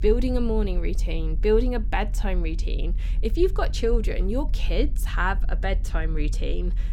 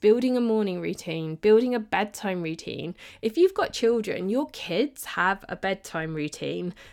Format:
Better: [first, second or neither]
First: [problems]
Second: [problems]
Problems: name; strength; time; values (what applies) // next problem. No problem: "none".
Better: second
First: low rumble; faint; throughout; 20 dB below the speech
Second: none